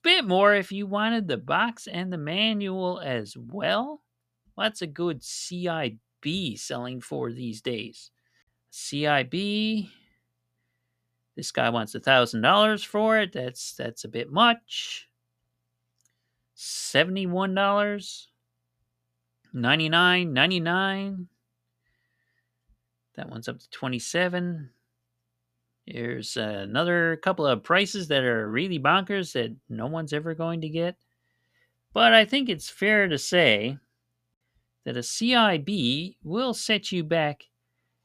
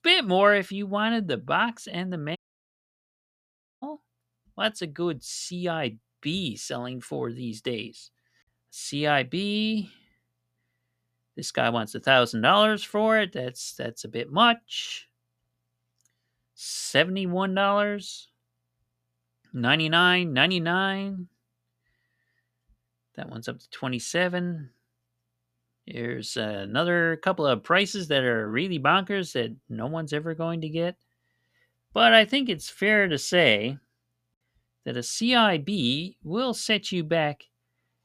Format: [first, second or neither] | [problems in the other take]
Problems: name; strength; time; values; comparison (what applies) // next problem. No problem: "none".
first | audio cutting out; at 2.5 s for 1.5 s